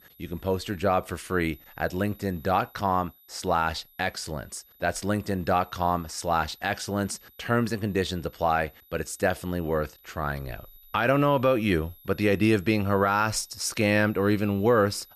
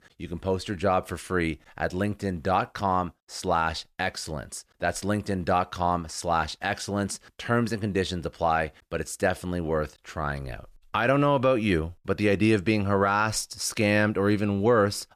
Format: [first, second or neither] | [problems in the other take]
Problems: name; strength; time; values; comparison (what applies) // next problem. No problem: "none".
second | high-pitched whine; faint; throughout; 12 kHz, 25 dB below the speech